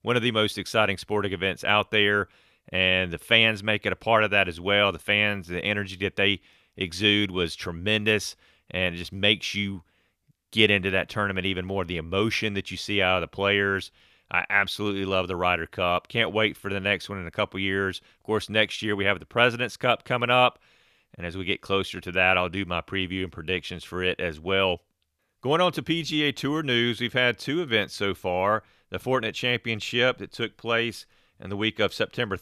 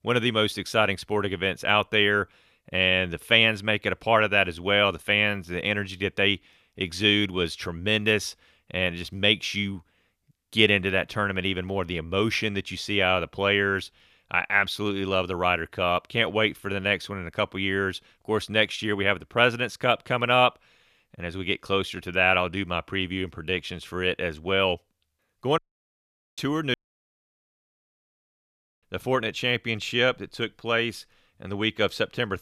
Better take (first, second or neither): first